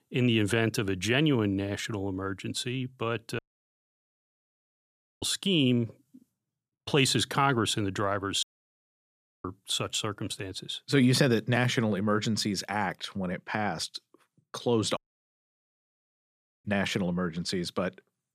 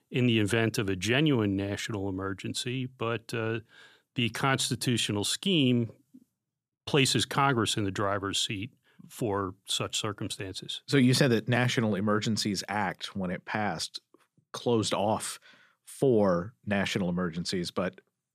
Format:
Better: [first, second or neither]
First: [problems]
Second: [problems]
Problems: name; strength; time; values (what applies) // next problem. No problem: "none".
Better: second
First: audio cutting out; at 3.5 s for 2 s, at 8.5 s for 1 s and at 15 s for 1.5 s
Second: none